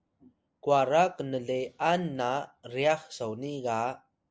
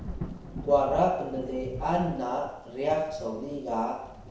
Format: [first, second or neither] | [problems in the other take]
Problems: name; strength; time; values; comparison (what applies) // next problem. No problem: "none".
first | background sound (Thunder / Rain); 12 dB below the speech // room echo; dies away in 0.7 s